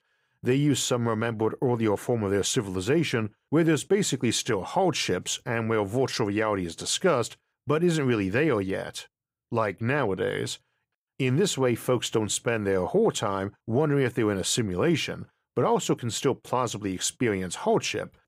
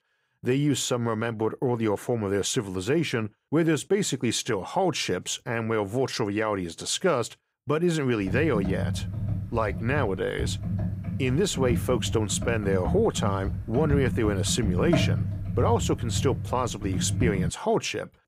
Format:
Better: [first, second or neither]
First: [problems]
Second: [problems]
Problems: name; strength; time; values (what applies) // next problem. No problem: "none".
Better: first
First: none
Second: keyboard typing; loud; from 8.5 to 18 s; peak 1 dB above the speech